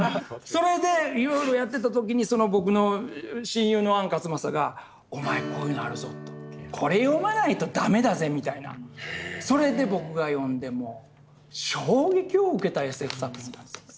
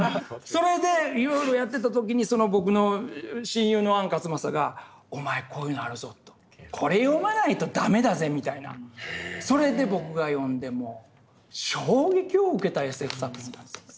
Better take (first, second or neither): second